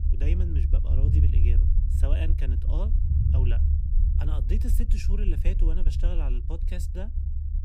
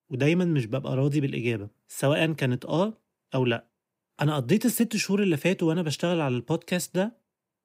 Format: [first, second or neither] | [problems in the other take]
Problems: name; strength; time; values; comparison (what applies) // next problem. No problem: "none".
second | low rumble; loud; throughout; 1 dB below the speech